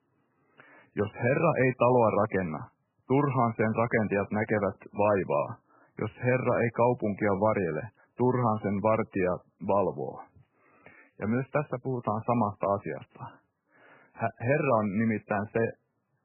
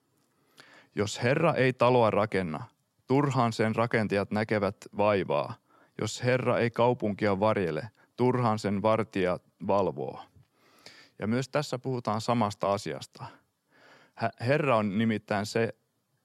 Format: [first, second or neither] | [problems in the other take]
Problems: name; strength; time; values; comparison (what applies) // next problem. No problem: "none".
second | garbled, watery; badly; nothing above 2.5 kHz